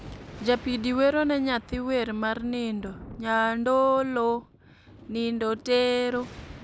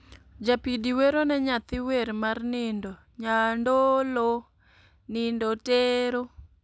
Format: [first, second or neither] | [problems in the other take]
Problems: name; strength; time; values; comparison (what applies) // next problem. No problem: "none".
second | background sound (Thunder); 19 dB below the speech